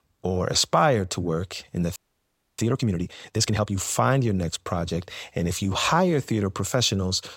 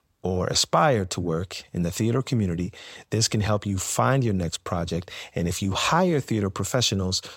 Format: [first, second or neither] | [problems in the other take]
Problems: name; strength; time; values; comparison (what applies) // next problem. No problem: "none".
second | audio freezing; at 2 s for 0.5 s